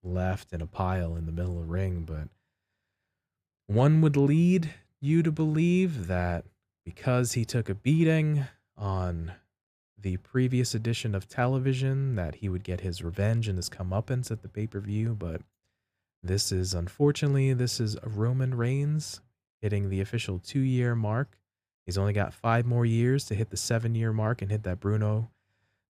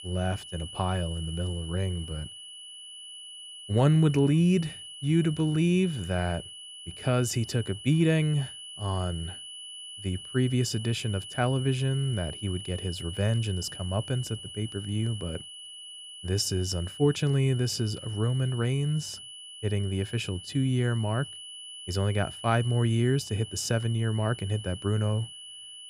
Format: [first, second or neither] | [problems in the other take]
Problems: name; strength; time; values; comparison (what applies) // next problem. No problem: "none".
first | high-pitched whine; noticeable; throughout; 3 kHz, 10 dB below the speech